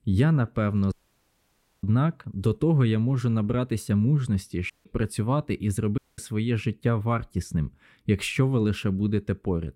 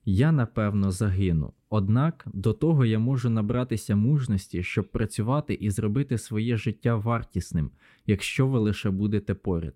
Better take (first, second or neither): second